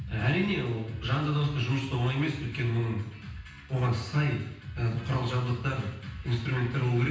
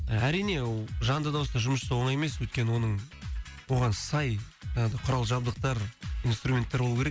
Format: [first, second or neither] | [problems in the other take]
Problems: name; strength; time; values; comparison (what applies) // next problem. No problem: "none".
second | room echo; dies away in 0.9 s